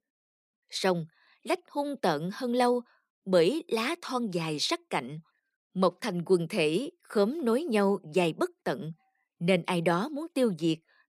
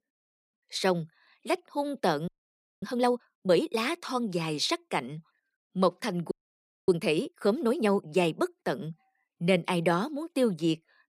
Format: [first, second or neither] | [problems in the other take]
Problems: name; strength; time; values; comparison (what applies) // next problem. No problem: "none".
first | audio freezing; at 2.5 s for 0.5 s and at 6.5 s for 0.5 s